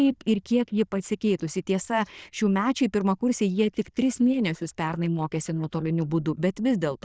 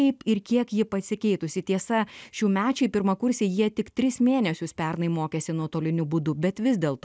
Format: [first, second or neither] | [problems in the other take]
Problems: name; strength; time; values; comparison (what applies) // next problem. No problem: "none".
second | noise reduction (neural diffusion model UNIVERSE++)